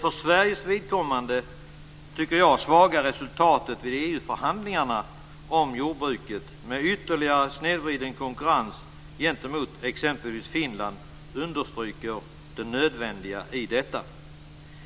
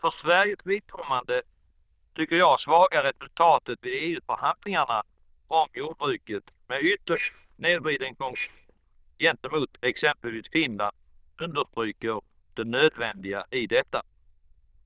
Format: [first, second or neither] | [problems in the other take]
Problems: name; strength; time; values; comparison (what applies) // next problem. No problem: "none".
first | noise reduction (neural diffusion model UNIVERSE++)